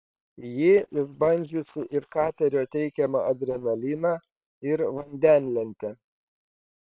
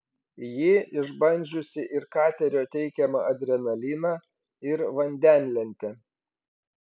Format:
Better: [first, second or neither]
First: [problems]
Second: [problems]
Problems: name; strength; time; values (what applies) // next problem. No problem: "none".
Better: second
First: noise reduction (neural separator model SepFormer WHAM!)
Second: none